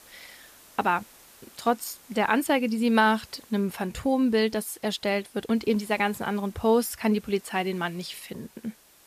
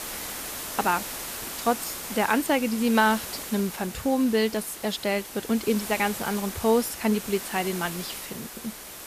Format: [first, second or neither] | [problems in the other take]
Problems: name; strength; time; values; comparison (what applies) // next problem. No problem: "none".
first | hiss; loud; throughout; 8 dB below the speech; faint in the first